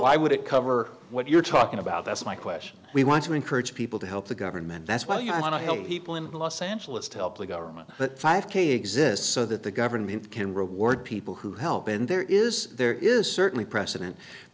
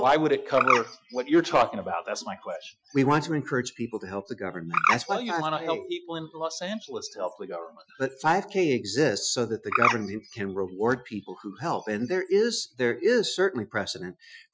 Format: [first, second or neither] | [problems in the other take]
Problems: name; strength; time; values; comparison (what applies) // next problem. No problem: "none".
first | noise reduction (classical method Wiener filter)